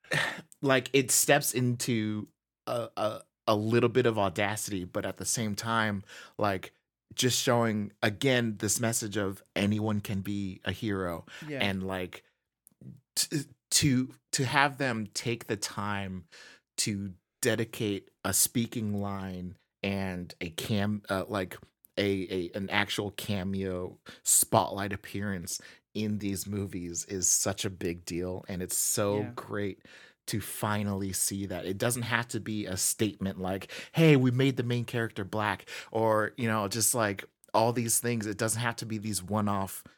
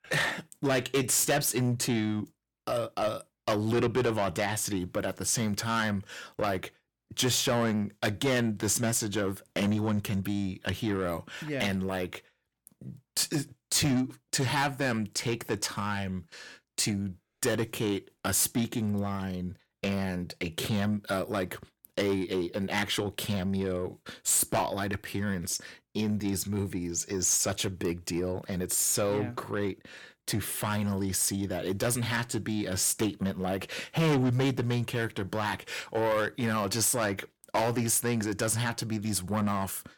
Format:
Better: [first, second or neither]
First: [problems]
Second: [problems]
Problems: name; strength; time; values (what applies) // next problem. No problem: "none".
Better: first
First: none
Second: distortion; heavy; 7 dB below the speech